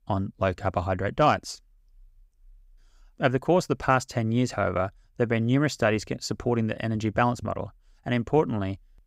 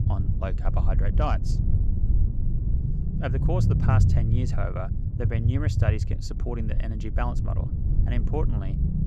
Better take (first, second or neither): first